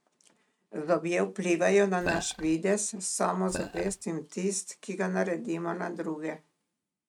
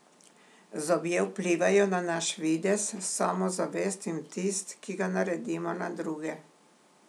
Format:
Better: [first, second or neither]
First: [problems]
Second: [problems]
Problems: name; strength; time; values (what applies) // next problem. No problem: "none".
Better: second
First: noise reduction (neural mask model RNNoise)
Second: none